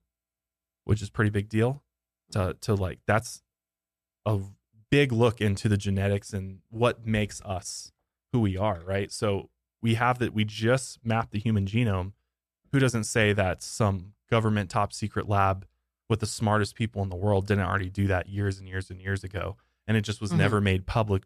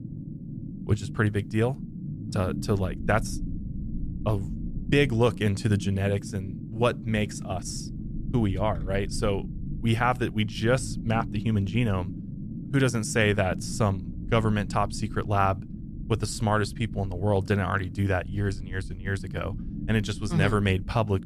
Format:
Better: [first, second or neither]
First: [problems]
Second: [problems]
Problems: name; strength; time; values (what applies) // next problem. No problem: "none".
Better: first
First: none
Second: low rumble; noticeable; throughout; 15 dB below the speech